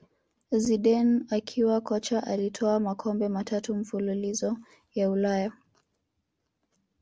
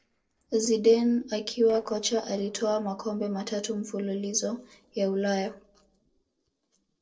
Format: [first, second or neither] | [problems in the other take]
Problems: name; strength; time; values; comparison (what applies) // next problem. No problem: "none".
first | noise reduction (neural separator model SepFormer DNS4)